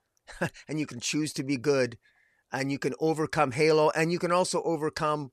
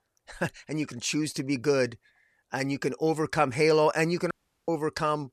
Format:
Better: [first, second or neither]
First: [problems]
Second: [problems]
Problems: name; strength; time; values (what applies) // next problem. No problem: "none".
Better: first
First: none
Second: audio cutting out; at 4.5 s